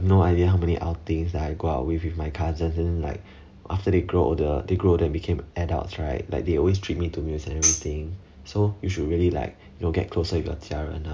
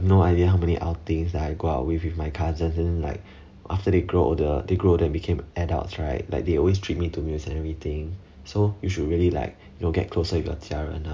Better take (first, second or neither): second